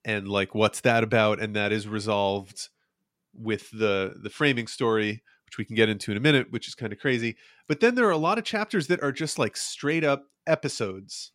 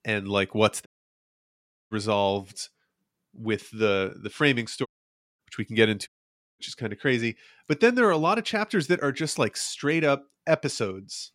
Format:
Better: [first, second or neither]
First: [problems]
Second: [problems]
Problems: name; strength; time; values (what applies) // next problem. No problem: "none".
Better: first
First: none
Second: audio cutting out; at 1 s for 1 s, at 5 s for 0.5 s and at 6 s for 0.5 s